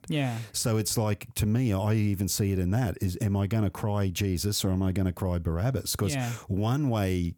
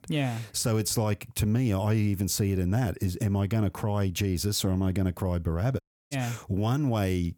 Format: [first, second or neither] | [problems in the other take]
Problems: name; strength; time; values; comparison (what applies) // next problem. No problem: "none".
first | audio cutting out; at 6 s